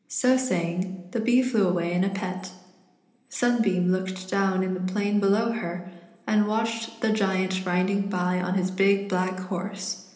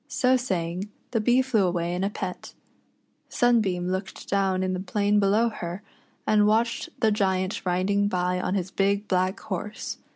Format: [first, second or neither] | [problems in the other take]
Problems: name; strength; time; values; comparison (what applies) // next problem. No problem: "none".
second | room echo; dies away in 1 s